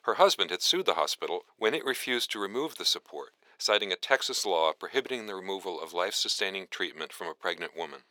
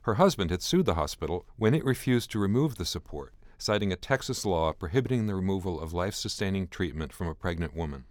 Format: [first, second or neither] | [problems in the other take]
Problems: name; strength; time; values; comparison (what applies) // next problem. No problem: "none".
second | thin; very; fading below 450 Hz